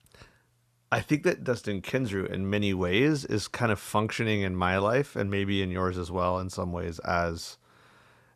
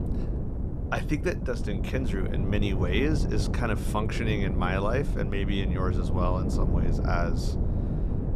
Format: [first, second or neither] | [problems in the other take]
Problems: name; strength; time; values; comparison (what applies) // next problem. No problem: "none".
first | wind noise on the microphone; heavy; 7 dB below the speech